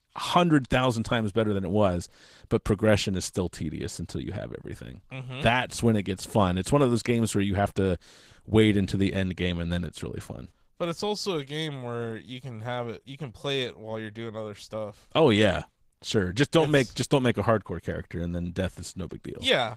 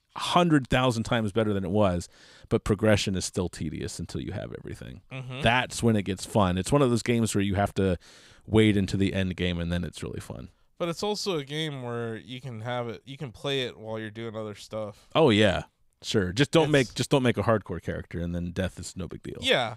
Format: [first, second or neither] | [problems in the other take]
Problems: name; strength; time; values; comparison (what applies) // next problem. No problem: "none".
second | garbled, watery; slightly; nothing above 15.5 kHz